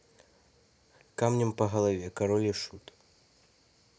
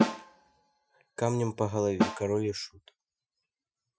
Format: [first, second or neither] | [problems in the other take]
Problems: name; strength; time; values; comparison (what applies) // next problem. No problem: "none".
first | noise reduction (classical method Wiener filter)